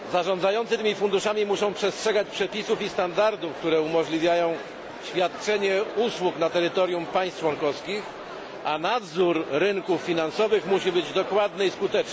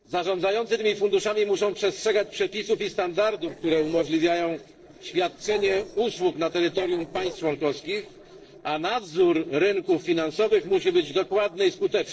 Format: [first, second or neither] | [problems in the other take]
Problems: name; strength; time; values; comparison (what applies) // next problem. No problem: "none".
first | noise reduction (neural separator model SepFormer DNS4)